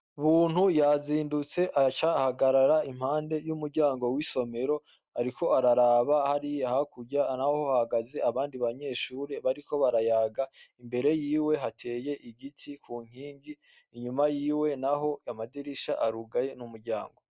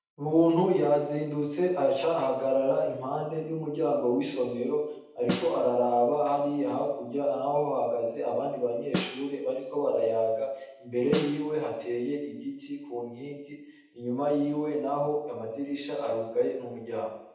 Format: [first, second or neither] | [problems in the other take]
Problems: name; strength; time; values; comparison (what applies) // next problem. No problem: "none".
first | background sound (Snare drum); 10 dB below the speech // room echo; dies away in 0.8 s